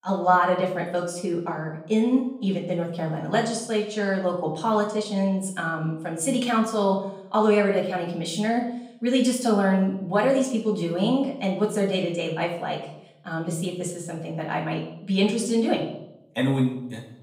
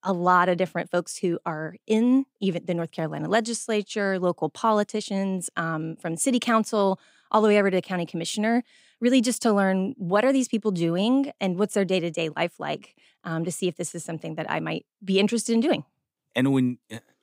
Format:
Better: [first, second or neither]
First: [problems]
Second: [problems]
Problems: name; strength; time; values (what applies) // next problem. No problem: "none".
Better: second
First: off-mic speech; far // room echo; slight; dies away in 0.7 s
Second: none